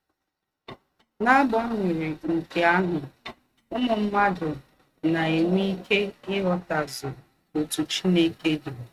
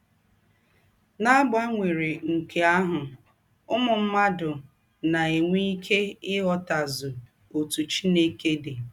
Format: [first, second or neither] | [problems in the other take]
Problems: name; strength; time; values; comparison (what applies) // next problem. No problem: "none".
second | noise reduction (neural mask model RNNoise)